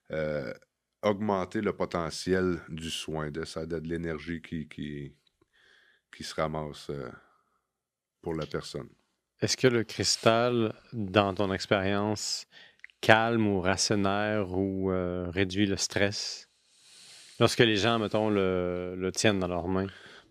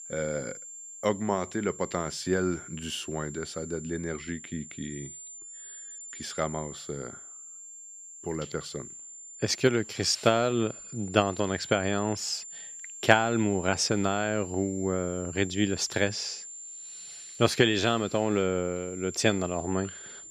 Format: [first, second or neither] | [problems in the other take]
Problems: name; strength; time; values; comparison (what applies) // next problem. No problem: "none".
first | high-pitched whine; noticeable; throughout; 7.5 kHz, 15 dB below the speech